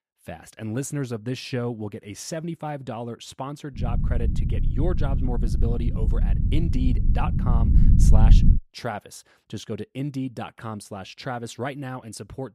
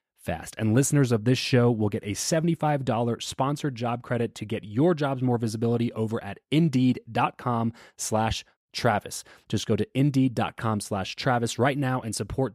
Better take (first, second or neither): second